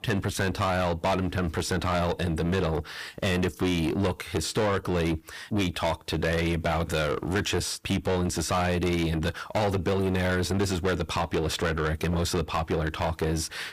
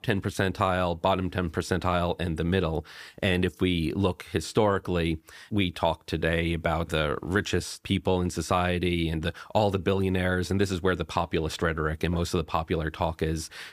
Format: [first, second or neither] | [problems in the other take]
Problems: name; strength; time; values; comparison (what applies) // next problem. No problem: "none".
second | distortion; heavy; 6 dB below the speech